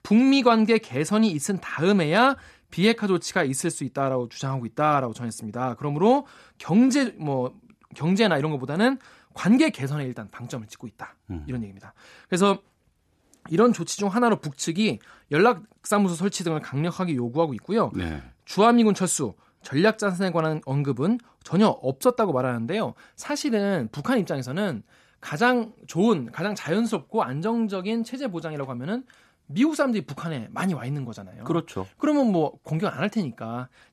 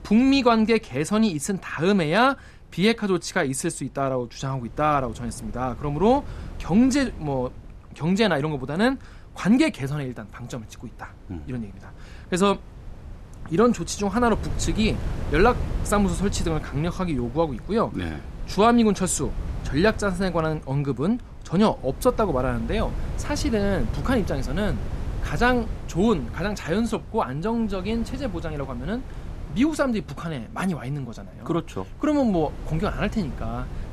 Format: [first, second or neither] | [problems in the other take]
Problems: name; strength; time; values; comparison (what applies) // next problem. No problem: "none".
first | wind noise on the microphone; occasional gusts; 20 dB below the speech